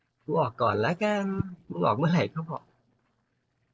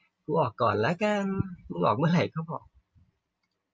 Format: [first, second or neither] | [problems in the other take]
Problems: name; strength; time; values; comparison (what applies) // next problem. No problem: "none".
second | noise reduction (neural separator model SepFormer DNS4)